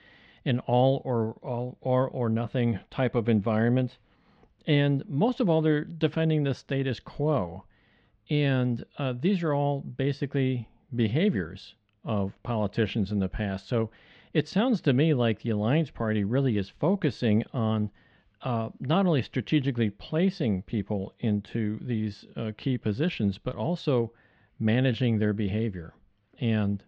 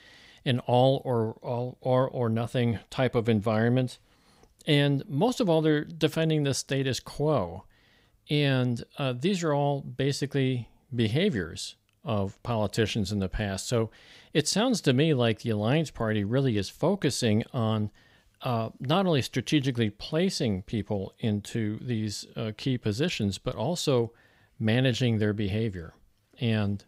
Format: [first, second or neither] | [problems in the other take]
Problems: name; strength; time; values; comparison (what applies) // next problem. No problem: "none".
second | muffled; slightly; fading above 3 kHz